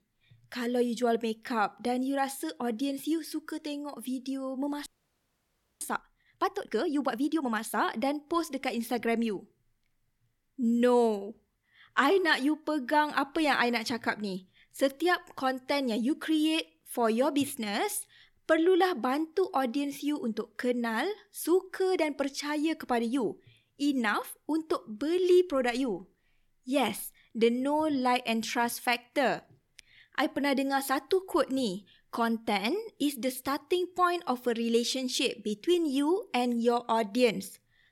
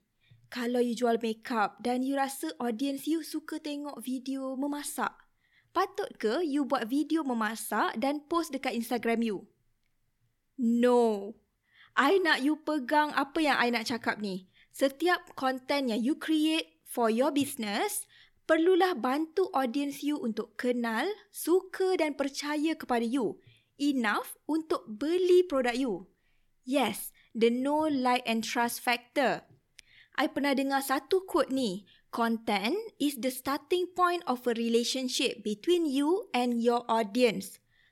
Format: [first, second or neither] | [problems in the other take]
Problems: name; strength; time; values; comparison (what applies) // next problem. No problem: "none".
second | audio freezing; at 5 s for 1 s